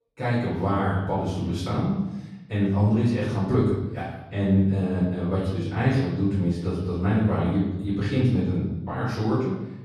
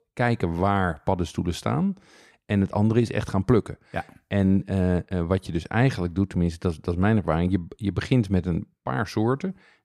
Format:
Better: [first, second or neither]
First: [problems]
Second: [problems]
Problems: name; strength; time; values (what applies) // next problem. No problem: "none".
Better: second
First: off-mic speech; far // room echo; noticeable; dies away in 1 s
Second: none